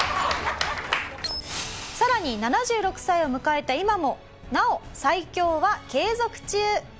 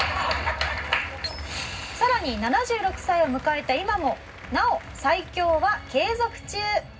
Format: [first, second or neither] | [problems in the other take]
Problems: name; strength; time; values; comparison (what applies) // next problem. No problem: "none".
first | background sound (Applause); 20 dB below the speech // room echo; dies away in 0.4 s